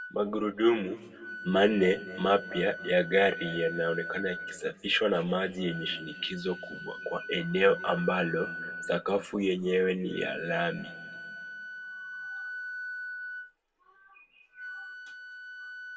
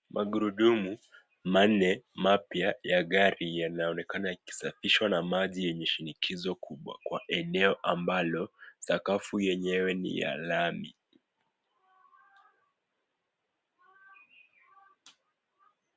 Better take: second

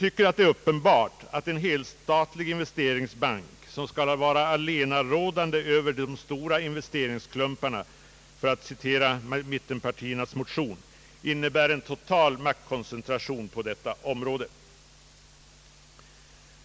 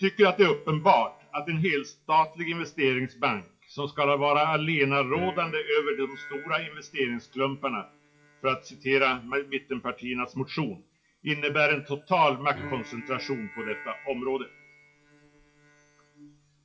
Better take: first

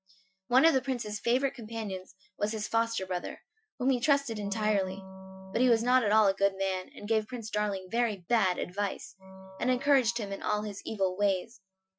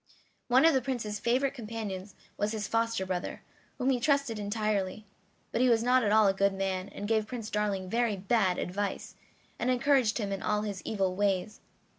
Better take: second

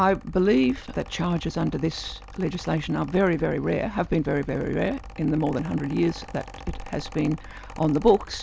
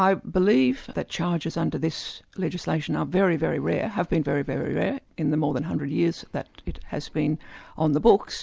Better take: second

